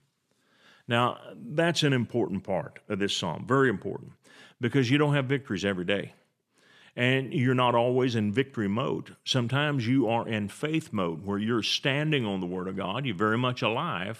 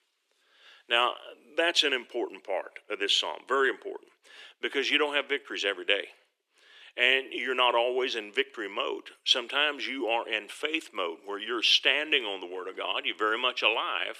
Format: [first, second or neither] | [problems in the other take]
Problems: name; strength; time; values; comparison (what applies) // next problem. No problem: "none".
first | thin; very; fading below 350 Hz